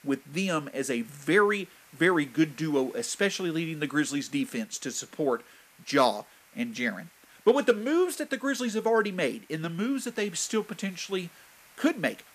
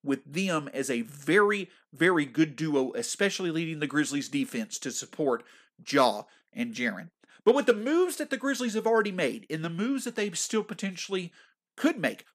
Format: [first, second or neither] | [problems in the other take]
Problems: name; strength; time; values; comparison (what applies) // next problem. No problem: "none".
second | hiss; faint; throughout; 25 dB below the speech